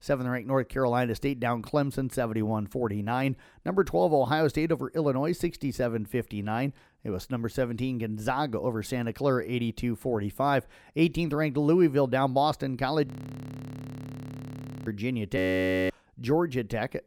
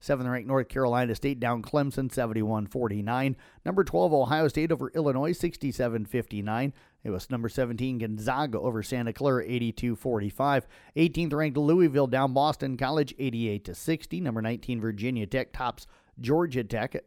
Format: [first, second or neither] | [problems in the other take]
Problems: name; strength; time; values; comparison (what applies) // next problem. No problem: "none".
second | audio freezing; at 13 s for 2 s and at 15 s for 0.5 s